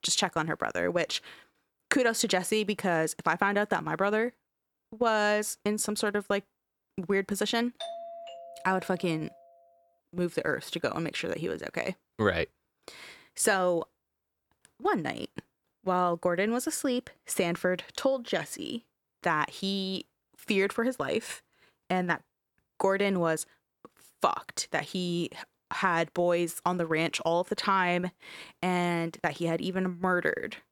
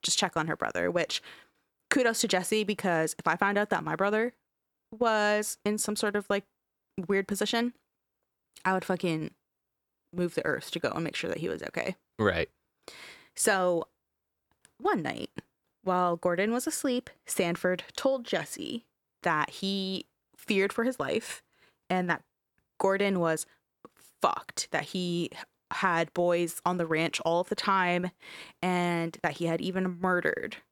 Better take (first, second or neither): second